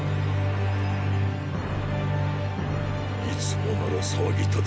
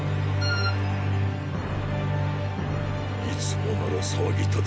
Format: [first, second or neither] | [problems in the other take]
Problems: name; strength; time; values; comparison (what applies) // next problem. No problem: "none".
first | background sound (Wind instrument, woodwind instrument); 7 dB below the speech